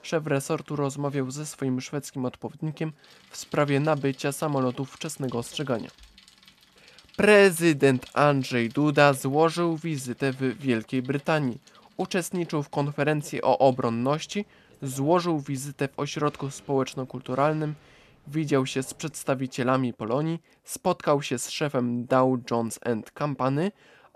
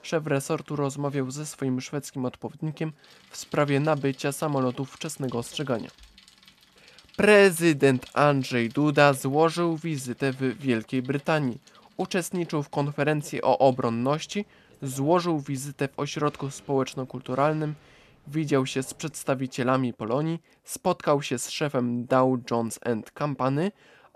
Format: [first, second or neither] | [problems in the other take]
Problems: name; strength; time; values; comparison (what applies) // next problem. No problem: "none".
neither | traffic noise; faint; until 19 s; 25 dB below the speech; the same in both